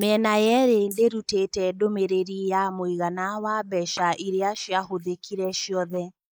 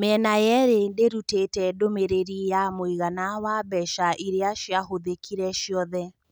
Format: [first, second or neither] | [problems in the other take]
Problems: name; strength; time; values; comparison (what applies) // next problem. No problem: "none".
second | noise reduction (neural mask model Resemble Enhance denoiser)